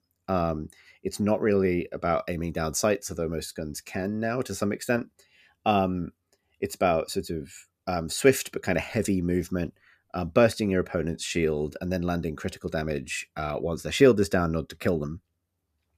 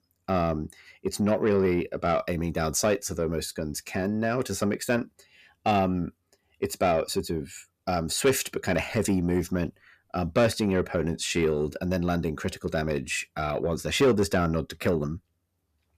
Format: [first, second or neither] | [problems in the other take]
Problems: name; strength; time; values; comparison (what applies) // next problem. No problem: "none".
first | distortion; slight; 10 dB below the speech